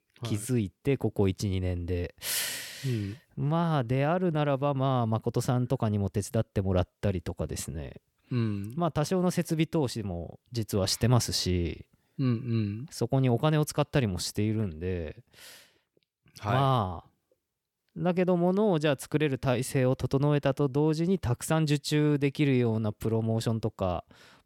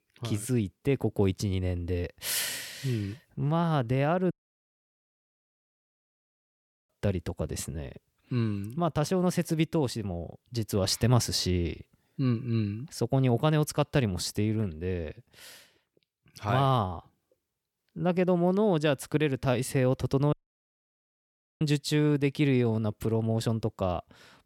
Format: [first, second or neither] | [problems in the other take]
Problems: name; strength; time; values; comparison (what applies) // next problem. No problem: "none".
first | audio cutting out; at 4.5 s for 2.5 s and at 20 s for 1.5 s